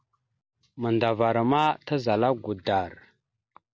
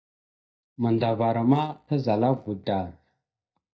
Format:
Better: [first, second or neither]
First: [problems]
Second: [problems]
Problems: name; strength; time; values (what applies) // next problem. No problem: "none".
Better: first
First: none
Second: noise reduction (neural mask model DeepFilterNet 3)